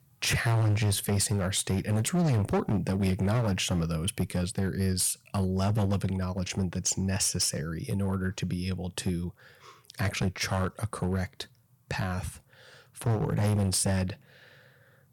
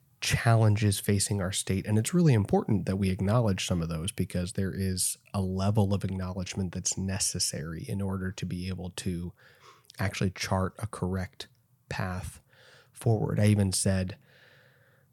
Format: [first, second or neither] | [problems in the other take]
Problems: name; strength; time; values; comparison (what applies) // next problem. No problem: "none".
second | distortion; heavy; 10% of the sound clipped